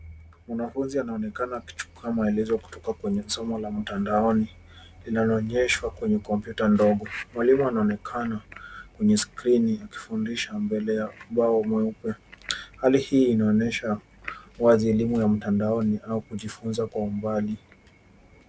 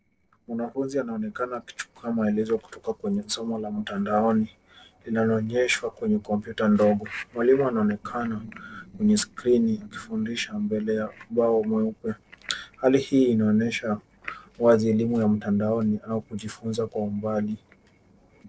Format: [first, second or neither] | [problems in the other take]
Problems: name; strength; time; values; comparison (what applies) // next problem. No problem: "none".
first | noise reduction (neural separator model SepFormer DNS4)